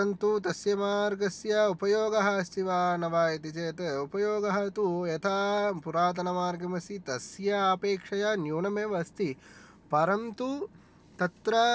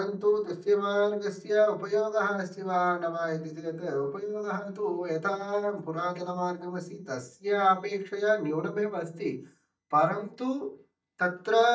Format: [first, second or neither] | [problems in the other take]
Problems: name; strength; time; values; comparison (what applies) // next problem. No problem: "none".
first | noise reduction (neural mask model DeepFilterNet 3)